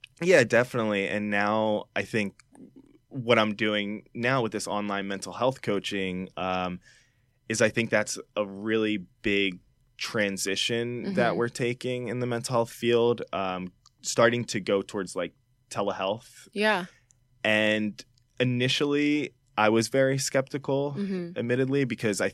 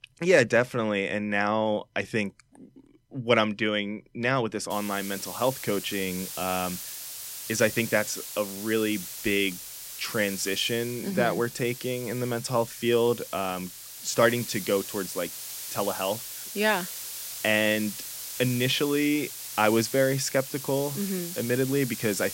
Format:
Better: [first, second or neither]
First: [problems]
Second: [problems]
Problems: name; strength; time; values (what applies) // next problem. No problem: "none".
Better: first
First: none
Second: hiss; loud; from 4.5 s on; 9 dB below the speech